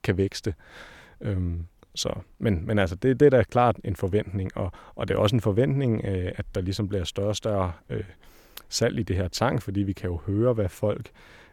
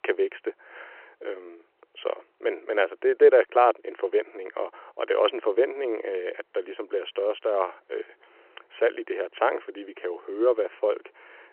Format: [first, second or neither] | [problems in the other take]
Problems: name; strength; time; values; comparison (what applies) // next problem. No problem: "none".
first | phone-call audio